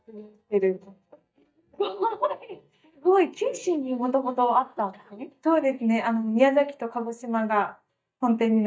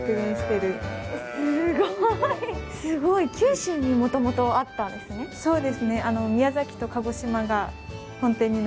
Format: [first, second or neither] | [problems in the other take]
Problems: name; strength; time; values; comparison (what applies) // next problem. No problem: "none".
second | noise reduction (neural mask model DeepFilterNet 3)